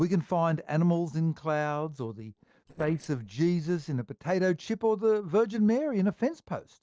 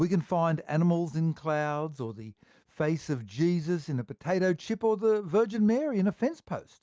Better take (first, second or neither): second